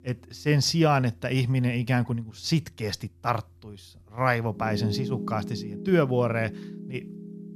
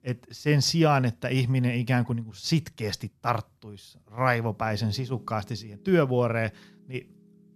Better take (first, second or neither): second